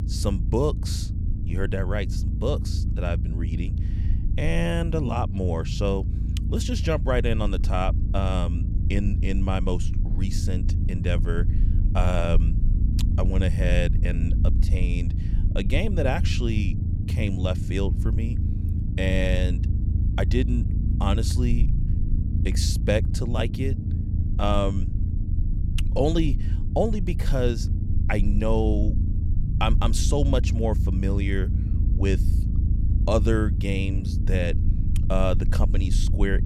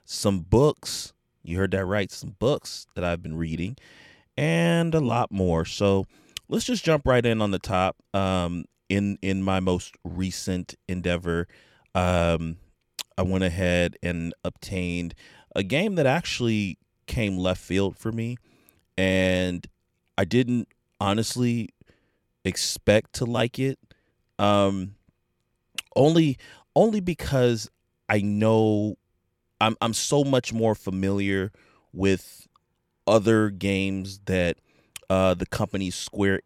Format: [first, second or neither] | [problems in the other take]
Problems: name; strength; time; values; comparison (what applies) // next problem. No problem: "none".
second | low rumble; noticeable; throughout; 10 dB below the speech